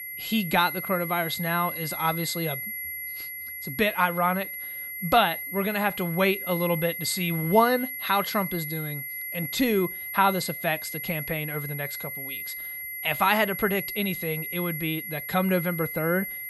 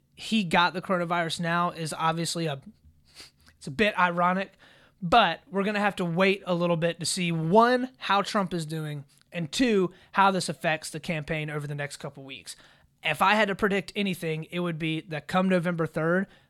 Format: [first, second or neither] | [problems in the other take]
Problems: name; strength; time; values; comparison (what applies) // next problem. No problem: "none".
second | high-pitched whine; loud; throughout; 2 kHz, 6 dB below the speech